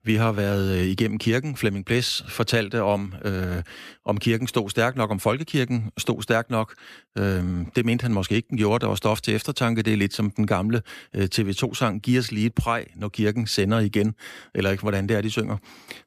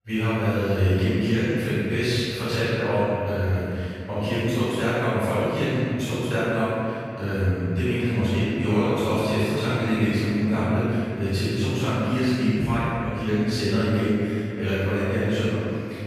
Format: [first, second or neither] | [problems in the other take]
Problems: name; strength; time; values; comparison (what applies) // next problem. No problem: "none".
first | off-mic speech; far // room echo; strong; dies away in 2.5 s